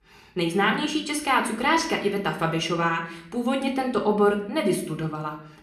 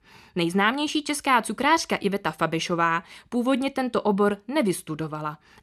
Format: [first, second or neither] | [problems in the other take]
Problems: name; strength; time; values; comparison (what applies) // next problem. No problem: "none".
second | room echo; slight; dies away in 0.6 s // off-mic speech; somewhat distant